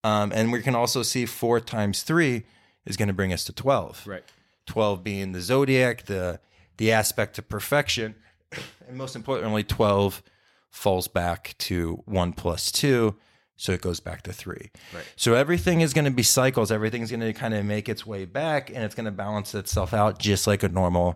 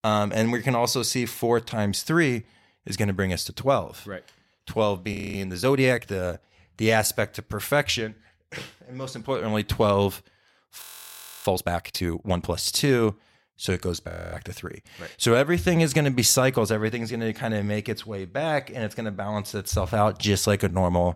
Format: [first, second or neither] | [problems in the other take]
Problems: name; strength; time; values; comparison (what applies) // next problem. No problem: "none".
first | audio freezing; at 5 s, at 11 s for 0.5 s and at 14 s